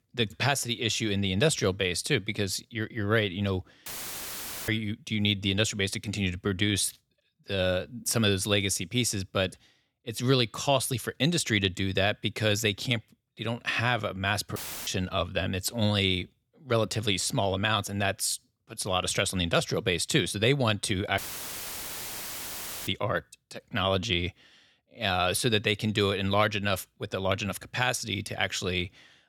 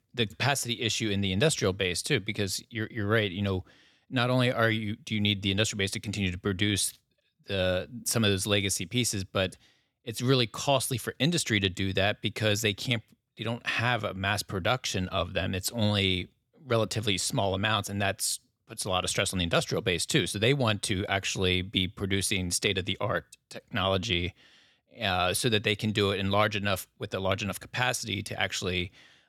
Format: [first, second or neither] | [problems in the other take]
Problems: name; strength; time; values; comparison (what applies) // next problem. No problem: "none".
second | audio cutting out; filled with static; at 4 s for 1 s, at 15 s and at 21 s for 1.5 s